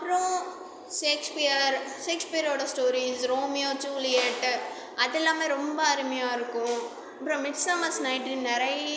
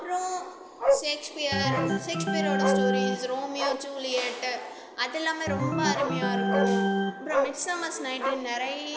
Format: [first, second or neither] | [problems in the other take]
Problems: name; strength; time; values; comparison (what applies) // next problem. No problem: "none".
first | background sound (Bark + Organ); 3 dB above the speech